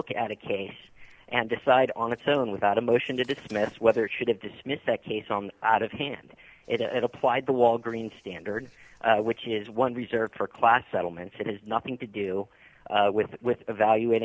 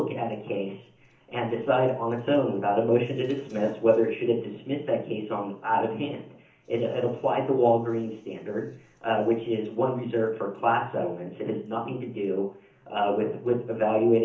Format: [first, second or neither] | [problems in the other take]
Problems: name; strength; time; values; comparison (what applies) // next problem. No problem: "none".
first | room echo; dies away in 0.7 s